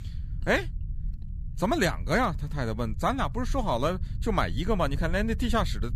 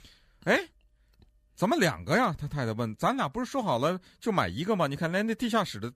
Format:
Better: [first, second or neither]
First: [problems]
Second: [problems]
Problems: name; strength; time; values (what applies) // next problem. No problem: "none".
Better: second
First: low rumble; faint; throughout; 25 dB below the speech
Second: none